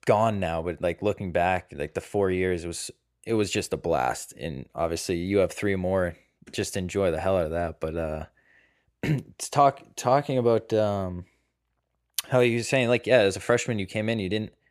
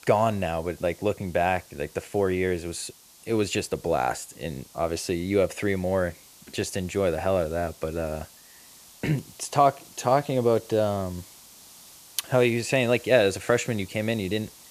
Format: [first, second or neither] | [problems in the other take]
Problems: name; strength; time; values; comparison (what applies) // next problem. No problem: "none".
first | hiss; faint; throughout; 20 dB below the speech